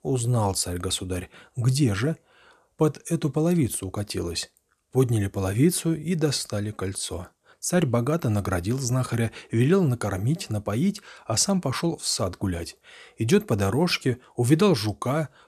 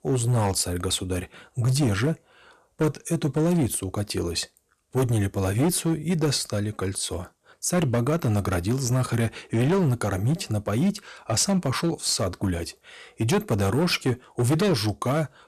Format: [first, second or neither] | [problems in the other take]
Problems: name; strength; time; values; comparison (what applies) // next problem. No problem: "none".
first | distortion; slight; 8% of the sound clipped